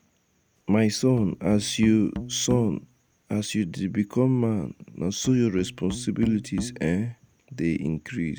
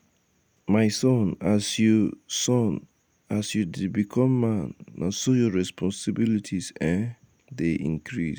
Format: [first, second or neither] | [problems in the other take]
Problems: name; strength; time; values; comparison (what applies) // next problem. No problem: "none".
second | background sound (Musical instrument); 13 dB below the speech